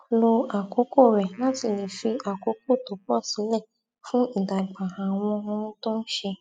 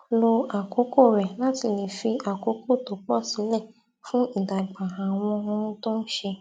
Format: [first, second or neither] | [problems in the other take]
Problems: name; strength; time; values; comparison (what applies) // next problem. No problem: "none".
second | noise reduction (classical method spectral subtraction)